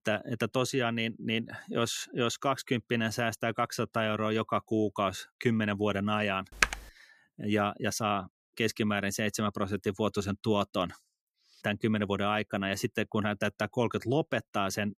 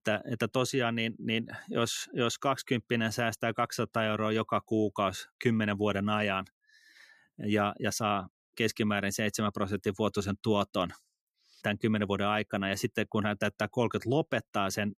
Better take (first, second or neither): second